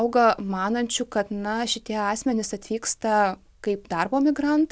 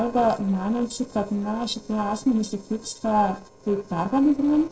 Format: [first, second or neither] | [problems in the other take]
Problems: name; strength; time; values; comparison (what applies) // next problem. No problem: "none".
first | noise reduction (neural separator model SepFormer DNS4)